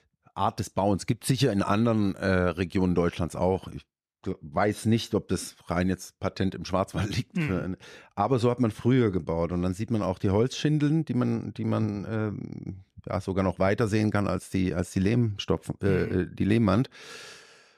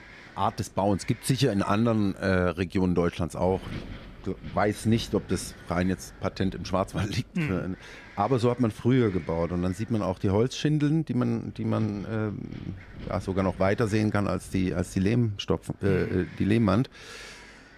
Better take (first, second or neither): first